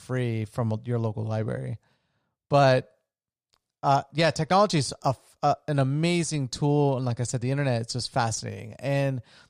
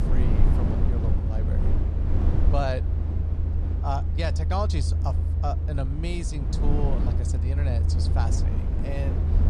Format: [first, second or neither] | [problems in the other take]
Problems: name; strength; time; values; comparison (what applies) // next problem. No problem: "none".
first | low rumble; loud; throughout; 4 dB below the speech